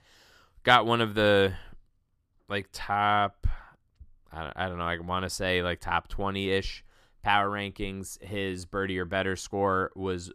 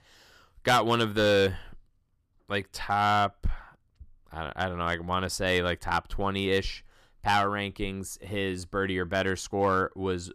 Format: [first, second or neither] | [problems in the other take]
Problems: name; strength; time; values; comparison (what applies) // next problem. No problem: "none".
first | distortion; slight; 1.9% of the sound clipped